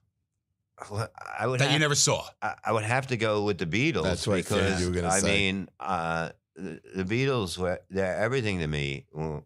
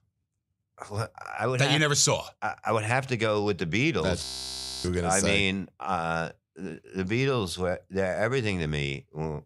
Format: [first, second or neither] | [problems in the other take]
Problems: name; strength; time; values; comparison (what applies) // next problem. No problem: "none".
first | audio freezing; at 4 s for 0.5 s